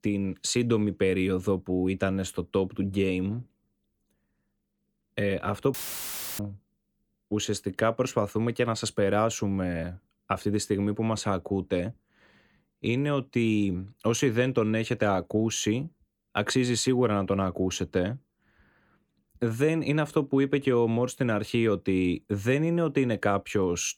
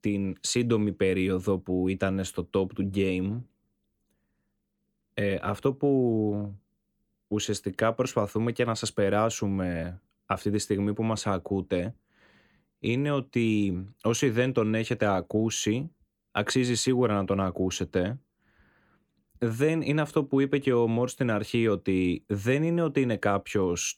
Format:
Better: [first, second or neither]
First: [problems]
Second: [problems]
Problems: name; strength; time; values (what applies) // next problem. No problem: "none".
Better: second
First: audio cutting out; filled with static; at 5.5 s for 0.5 s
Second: none